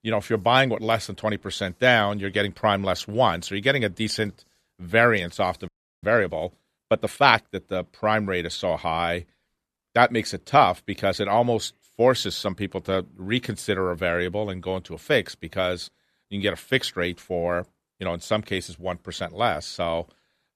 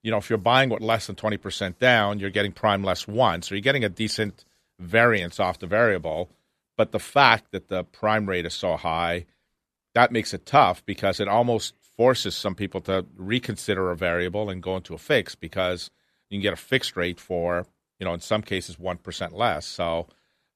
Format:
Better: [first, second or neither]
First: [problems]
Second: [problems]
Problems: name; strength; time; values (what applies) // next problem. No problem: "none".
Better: second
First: audio freezing; at 5.5 s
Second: none